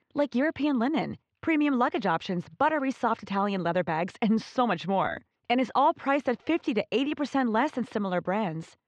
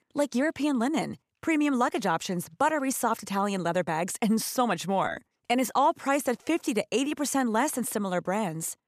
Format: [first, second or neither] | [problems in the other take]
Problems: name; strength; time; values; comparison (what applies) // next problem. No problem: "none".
second | muffled; slightly; fading above 4 kHz